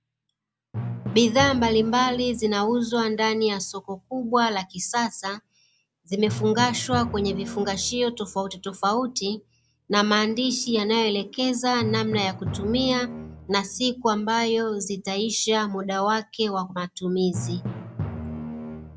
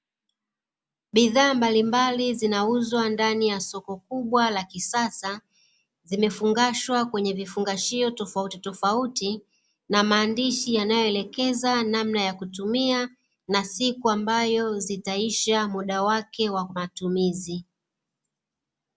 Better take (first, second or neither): second